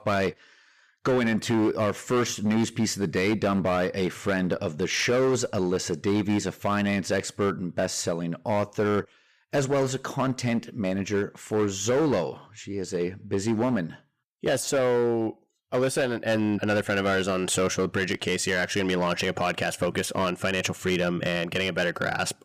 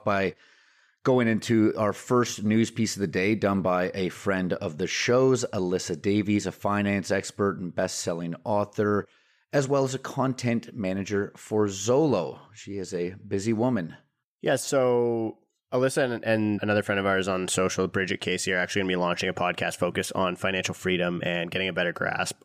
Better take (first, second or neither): second